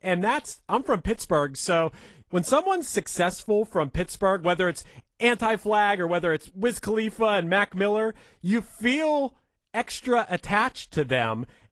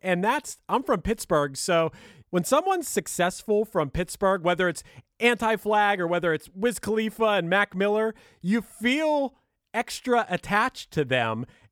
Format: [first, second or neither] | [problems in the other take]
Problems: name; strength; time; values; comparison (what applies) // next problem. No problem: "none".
second | garbled, watery; slightly; nothing above 15.5 kHz